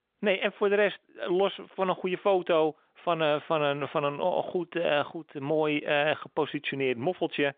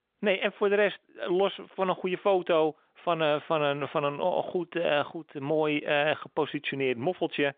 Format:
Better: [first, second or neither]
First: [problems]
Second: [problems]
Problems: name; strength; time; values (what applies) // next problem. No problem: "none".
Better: neither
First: phone-call audio; nothing above 3.5 kHz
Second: phone-call audio; nothing above 3.5 kHz